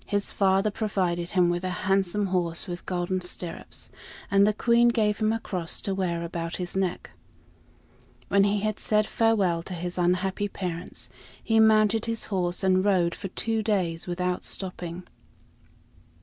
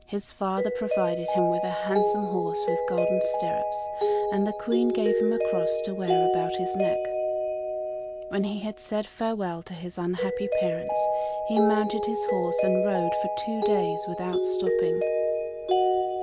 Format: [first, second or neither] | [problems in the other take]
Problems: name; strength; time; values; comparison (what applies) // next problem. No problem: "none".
first | background sound (Mallet percussion); 4 dB above the speech